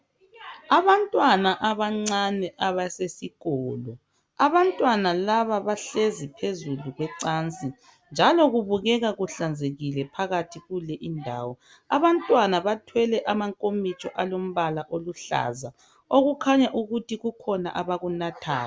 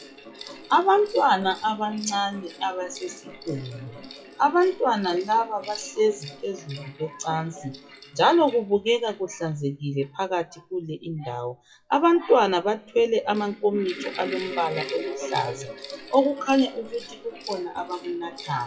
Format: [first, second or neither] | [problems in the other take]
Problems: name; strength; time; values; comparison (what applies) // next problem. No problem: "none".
first | noise reduction (classical method WPE with log-MMSE)